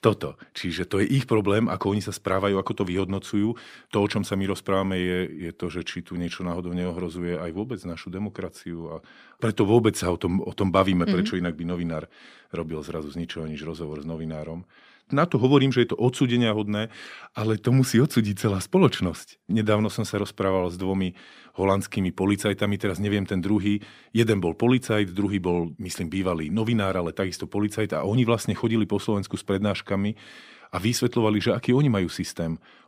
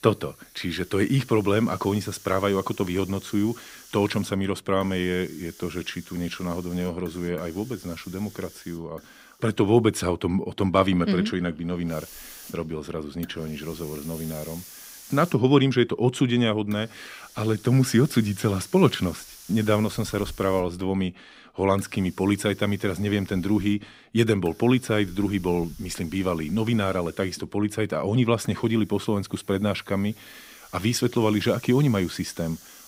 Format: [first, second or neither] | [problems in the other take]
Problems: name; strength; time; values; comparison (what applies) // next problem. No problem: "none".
first | hiss; faint; throughout; 20 dB below the speech